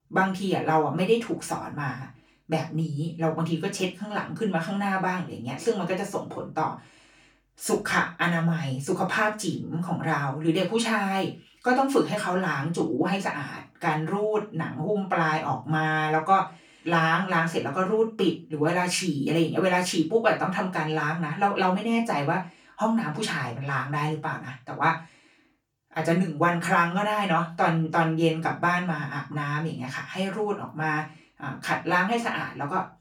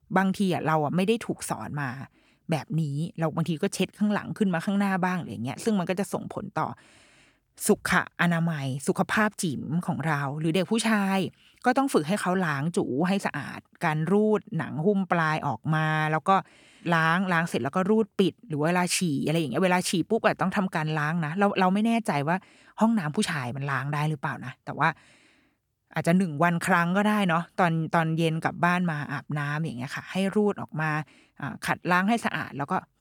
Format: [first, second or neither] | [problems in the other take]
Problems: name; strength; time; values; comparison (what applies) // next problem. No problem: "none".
second | room echo; slight; dies away in 0.2 s // off-mic speech; far